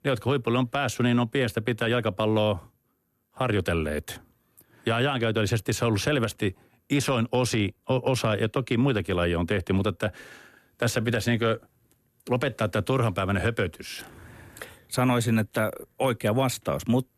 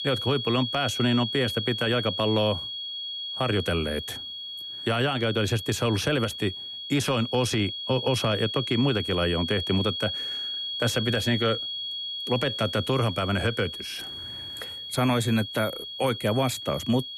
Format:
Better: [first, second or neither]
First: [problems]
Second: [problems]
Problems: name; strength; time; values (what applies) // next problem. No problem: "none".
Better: first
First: none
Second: high-pitched whine; loud; throughout; 3.5 kHz, 5 dB below the speech